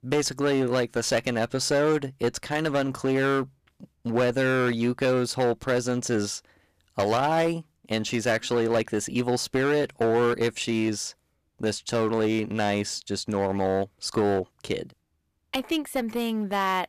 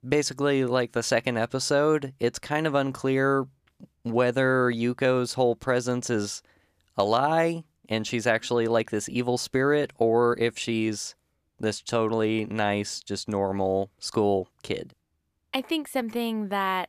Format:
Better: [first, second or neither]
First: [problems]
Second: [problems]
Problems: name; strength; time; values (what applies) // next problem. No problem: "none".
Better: second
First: distortion; slight; 9% of the sound clipped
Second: none